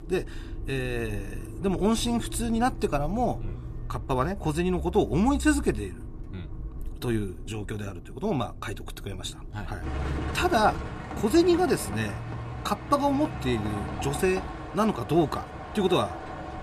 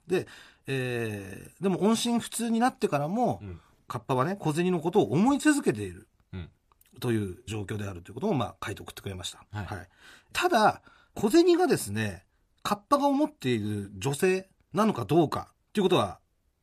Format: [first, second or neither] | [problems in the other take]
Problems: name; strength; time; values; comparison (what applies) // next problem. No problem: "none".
second | traffic noise; loud; throughout; 10 dB below the speech